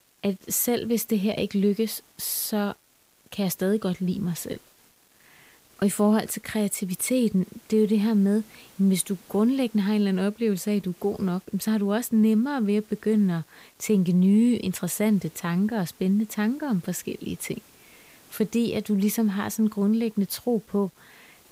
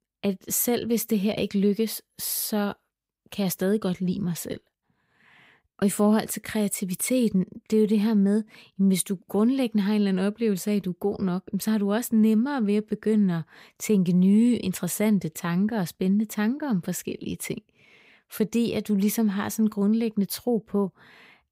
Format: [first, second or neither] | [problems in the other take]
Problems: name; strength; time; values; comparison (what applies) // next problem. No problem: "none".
second | hiss; faint; throughout; 30 dB below the speech